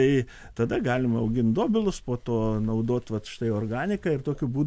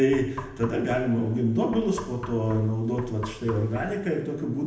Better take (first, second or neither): first